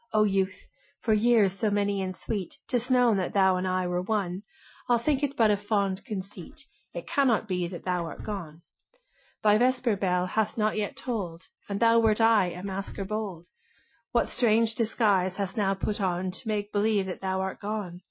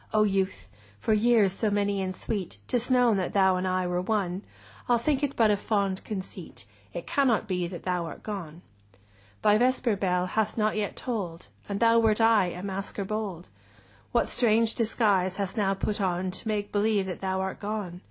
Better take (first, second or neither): second